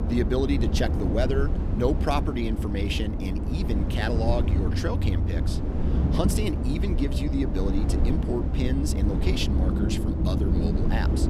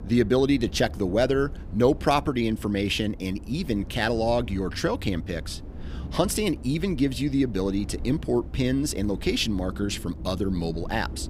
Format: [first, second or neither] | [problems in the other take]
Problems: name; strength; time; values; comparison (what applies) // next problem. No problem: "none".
second | low rumble; loud; throughout; 4 dB below the speech; faint in the second